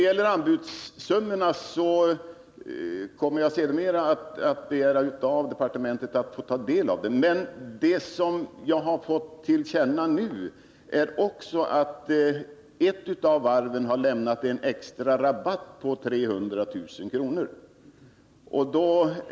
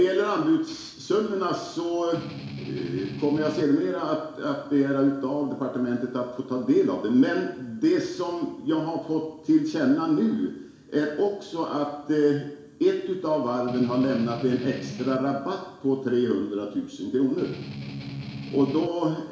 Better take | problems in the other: first | background sound (Strum); 10 dB below the speech // room echo; dies away in 0.7 s

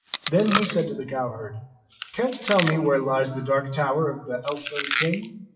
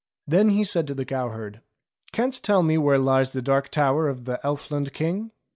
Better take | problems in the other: second | noise reduction (classical method WPE with log-MMSE)

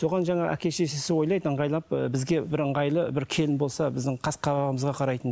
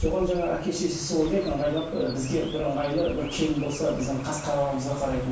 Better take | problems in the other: first | background sound (Chirp, tweet); 11 dB below the speech // room echo; dies away in 0.7 s

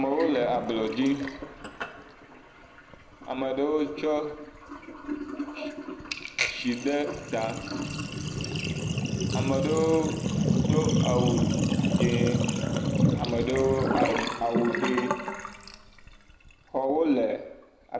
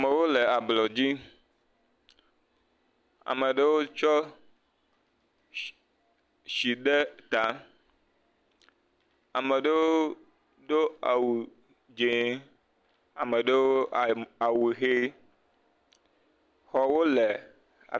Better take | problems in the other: second | background sound (Sink (filling or washing)); as loud as the speech // room echo; dies away in 0.8 s

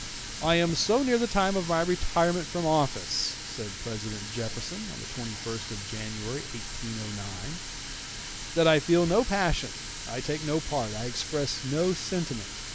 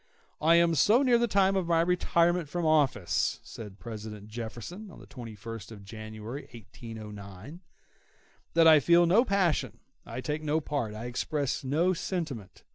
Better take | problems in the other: second | background sound (Water tap, faucet); 9 dB below the speech

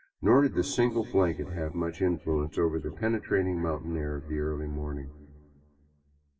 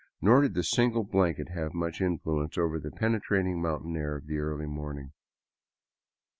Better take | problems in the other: second | room echo; dies away in 2.5 s

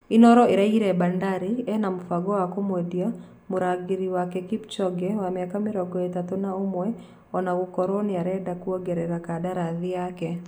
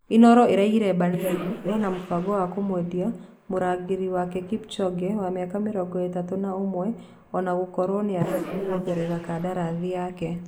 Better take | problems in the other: first | noise reduction (neural mask model Resemble Enhance denoiser)

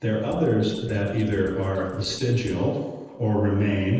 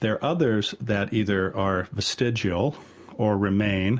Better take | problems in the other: second | noise reduction (neural separator model SepFormer DNS4)

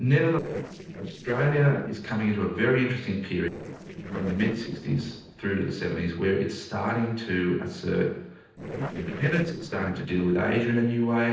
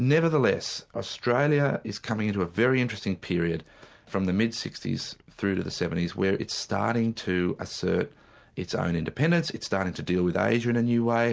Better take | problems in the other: second | noise reduction (neural separator model SepFormer DNS4)

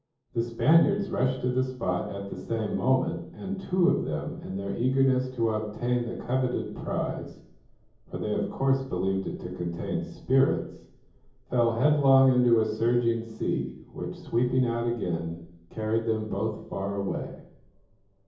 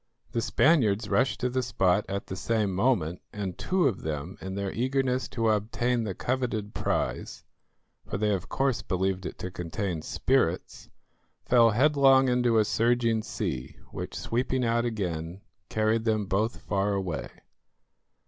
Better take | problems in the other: second | room echo; dies away in 0.7 s

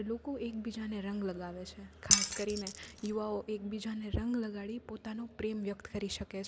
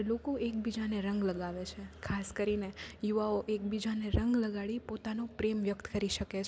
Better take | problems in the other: second | background sound (Glass); 5 dB above the speech

